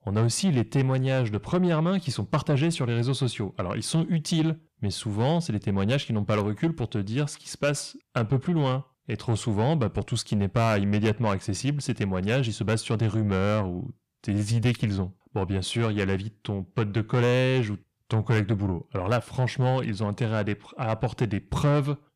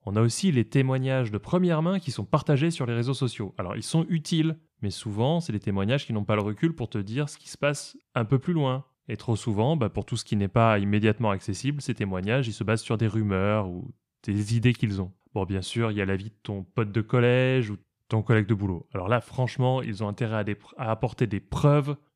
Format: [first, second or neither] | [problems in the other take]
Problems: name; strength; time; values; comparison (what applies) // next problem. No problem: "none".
second | distortion; slight; 10 dB below the speech